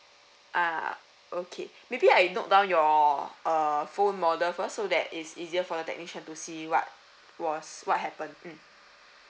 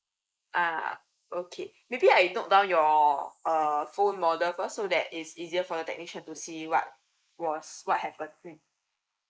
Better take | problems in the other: first | noise reduction (neural mask model Resemble Enhance denoiser)

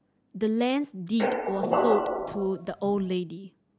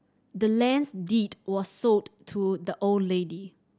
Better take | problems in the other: second | background sound (Squeak); as loud as the speech

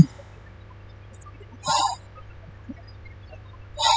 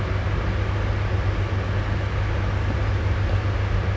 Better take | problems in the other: second | noise reduction (classical method spectral subtraction)

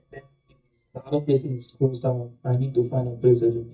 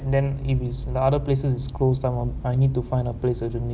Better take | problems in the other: second | noise reduction (neural mask model DeepFilterNet 3)

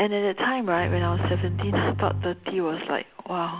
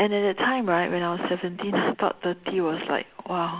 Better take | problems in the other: second | background sound (Bowed string instrument); 2 dB below the speech

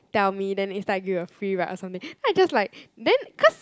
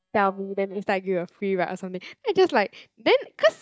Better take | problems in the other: first | noise reduction (neural mask model DeepFilterNet 3)

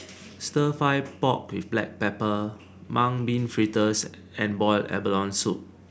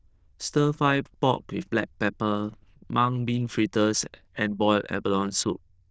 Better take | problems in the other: first | noise reduction (neural diffusion model UNIVERSE++)

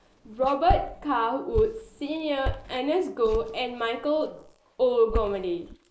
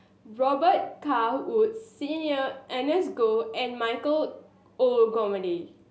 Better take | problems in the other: second | noise reduction (neural mask model Resemble Enhance denoiser)

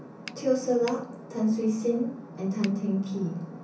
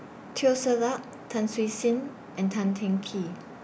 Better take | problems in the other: second | background sound (Finger snapping); 17 dB below the speech // room echo; dies away in 0.6 s

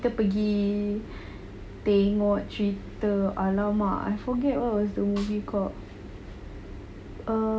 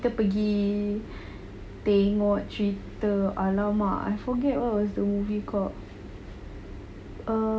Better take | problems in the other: second | background sound (Snare drum); 20 dB below the speech

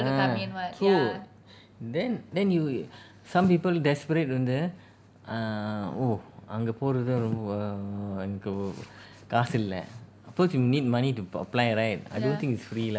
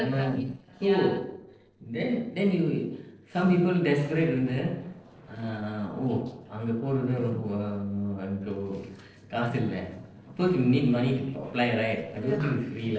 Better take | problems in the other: first | noise reduction (neural separator model SepFormer DNS4)

